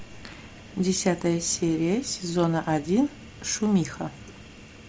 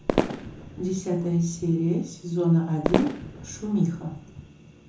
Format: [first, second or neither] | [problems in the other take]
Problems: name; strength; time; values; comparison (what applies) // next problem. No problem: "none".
first | background sound (Fireworks); 4 dB below the speech // room echo; dies away in 0.6 s